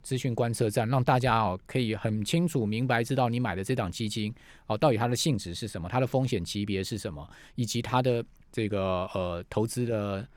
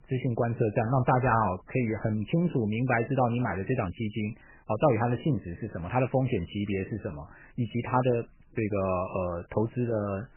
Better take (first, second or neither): first